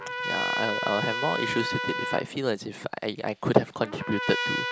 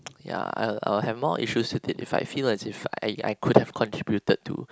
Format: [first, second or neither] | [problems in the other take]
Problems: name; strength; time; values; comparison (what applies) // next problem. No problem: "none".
second | background sound (Trumpet); 3 dB below the speech